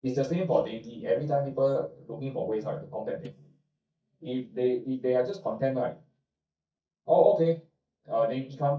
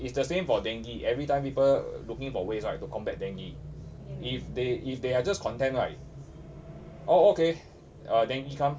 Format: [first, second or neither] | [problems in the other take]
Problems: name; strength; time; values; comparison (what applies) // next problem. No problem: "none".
second | noise reduction (neural mask model DeepFilterNet 3)